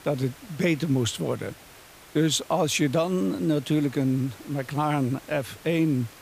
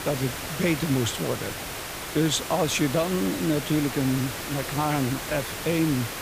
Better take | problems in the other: first | hiss; loud; throughout; 6 dB below the speech; faint in the first

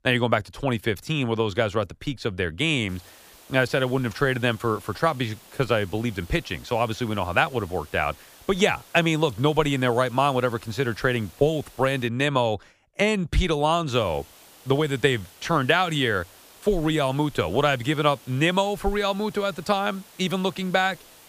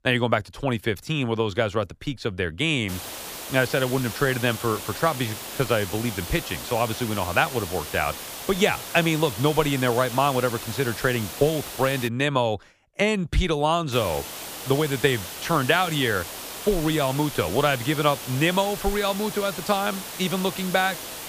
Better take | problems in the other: first | hiss; loud; from 3 to 12 s and from 14 s on; 9 dB below the speech; faint in the first

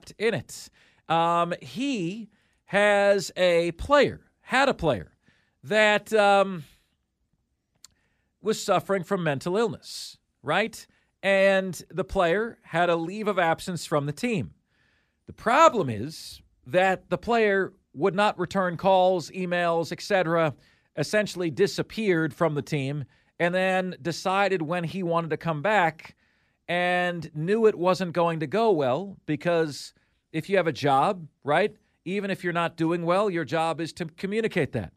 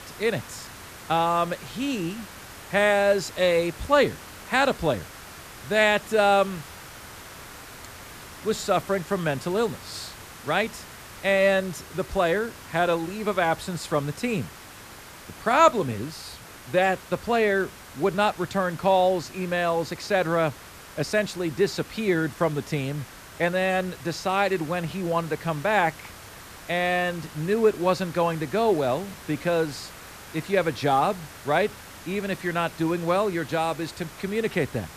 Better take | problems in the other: first | hiss; noticeable; throughout; 15 dB below the speech

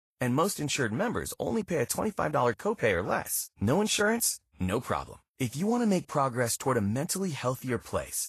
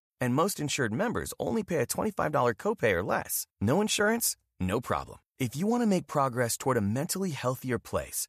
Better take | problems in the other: second | garbled, watery; slightly; nothing above 12.5 kHz

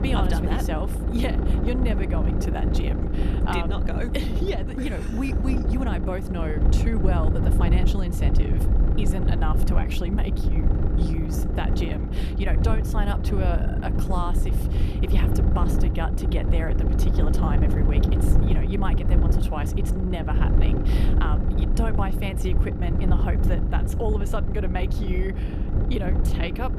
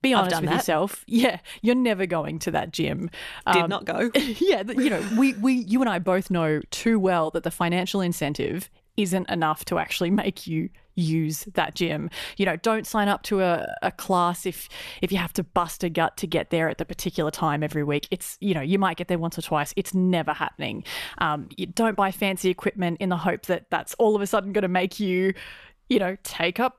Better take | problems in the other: second | low rumble; loud; throughout; 2 dB below the speech

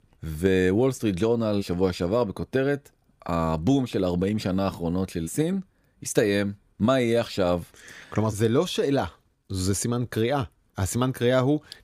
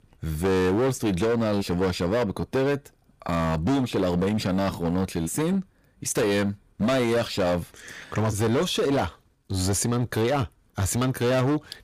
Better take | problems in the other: first | distortion; heavy; 18% of the sound clipped

